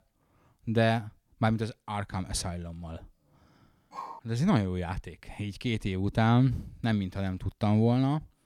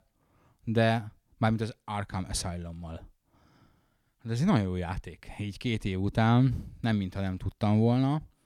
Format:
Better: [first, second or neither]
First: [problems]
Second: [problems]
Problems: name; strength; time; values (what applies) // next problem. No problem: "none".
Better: second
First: dog barking; faint; at 4 s; peak 15 dB below the speech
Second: none